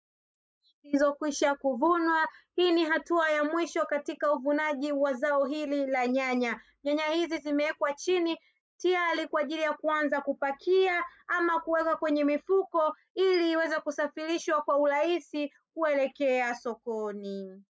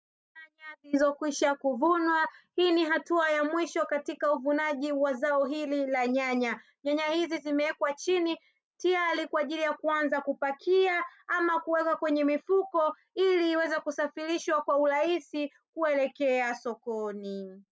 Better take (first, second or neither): second